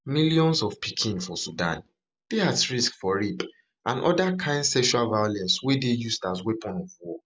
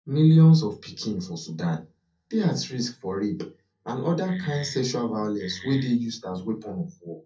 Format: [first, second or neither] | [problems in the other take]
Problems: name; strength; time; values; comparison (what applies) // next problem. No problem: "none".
first | background sound (Wood); 17 dB below the speech // room echo; dies away in 0.3 s